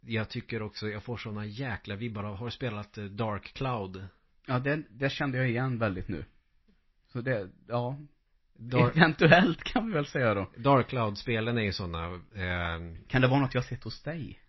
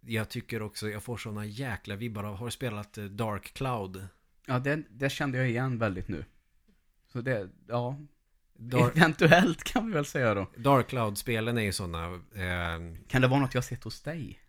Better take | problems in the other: second | garbled, watery; slightly; nothing above 5.5 kHz

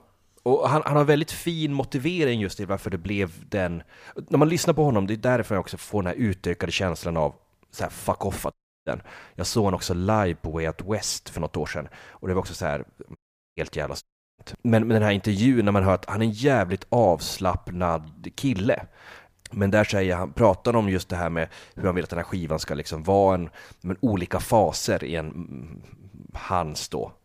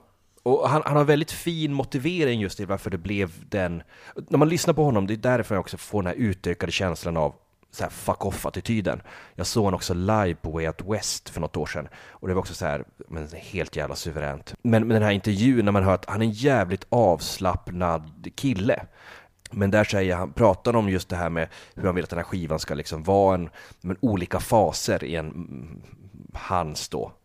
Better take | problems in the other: second | audio cutting out; at 8.5 s, at 13 s and at 14 s

